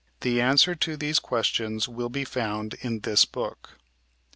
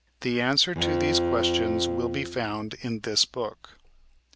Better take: first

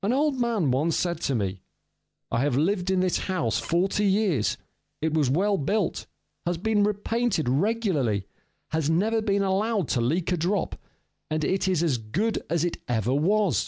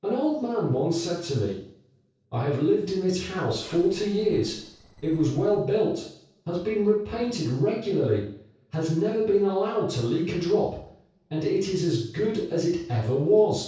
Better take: first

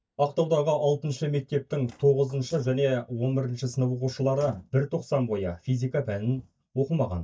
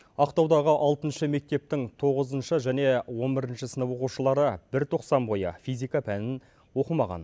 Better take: second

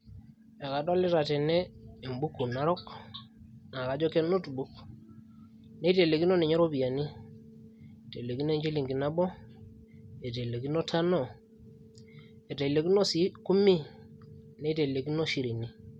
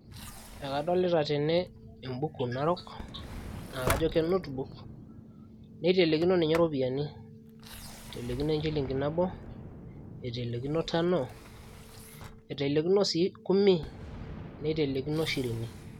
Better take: first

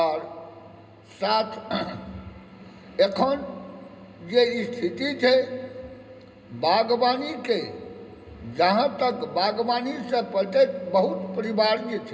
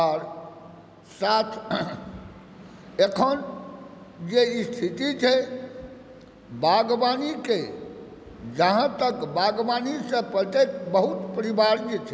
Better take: second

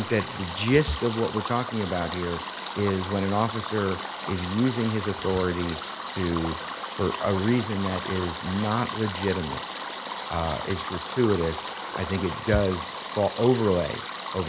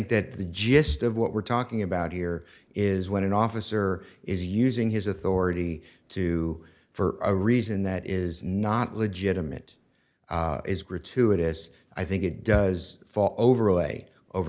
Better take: second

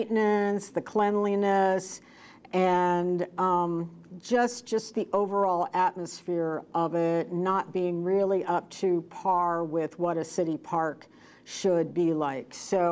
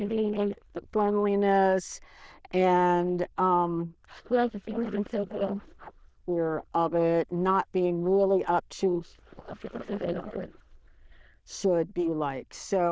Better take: first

